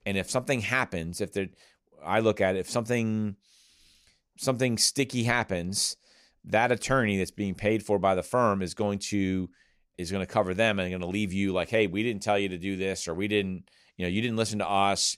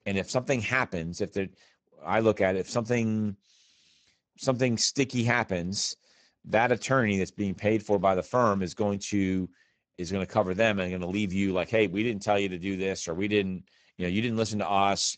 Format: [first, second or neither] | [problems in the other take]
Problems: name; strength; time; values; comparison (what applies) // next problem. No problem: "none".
first | garbled, watery; badly; nothing above 7.5 kHz